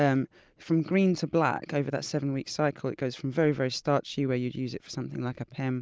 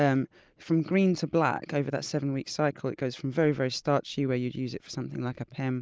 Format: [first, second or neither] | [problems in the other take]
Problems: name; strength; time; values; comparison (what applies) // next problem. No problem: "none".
first | noise reduction (neural mask model Resemble Enhance denoiser)